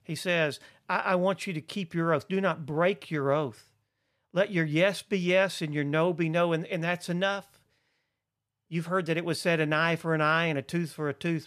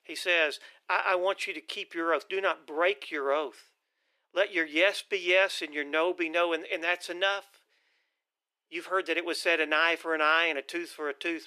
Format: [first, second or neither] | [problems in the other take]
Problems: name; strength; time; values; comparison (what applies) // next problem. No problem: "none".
first | thin; very; fading below 350 Hz